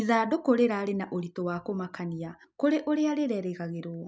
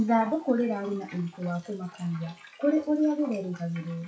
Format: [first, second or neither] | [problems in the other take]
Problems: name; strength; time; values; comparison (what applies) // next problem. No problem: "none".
first | noise reduction (classical method WPE with log-MMSE)